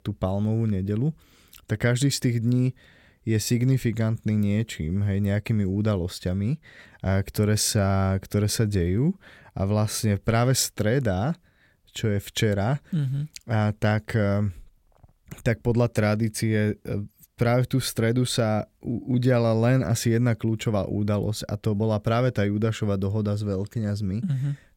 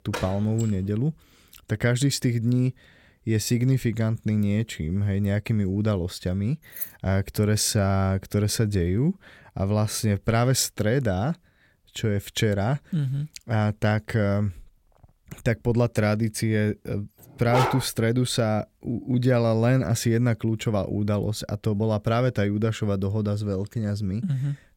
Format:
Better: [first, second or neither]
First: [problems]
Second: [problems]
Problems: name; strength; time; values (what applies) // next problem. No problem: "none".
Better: first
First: none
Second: door banging; noticeable; at the start; peak 9 dB below the speech // jangling keys; noticeable; at 7 s; peak 8 dB below the speech // dog barking; noticeable; at 17 s; peak 1 dB below the speech